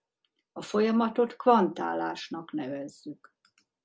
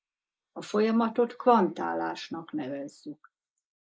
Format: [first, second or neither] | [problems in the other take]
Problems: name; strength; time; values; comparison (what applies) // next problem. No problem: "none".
first | noise reduction (neural mask model Resemble Enhance denoiser)